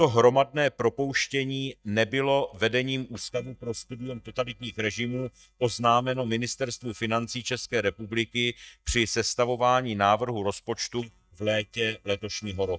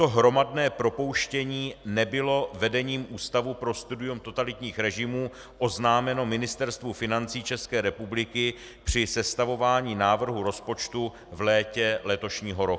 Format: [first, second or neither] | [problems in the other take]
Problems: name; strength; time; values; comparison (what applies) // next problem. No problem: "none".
second | noise reduction (neural mask model DeepFilterNet 3)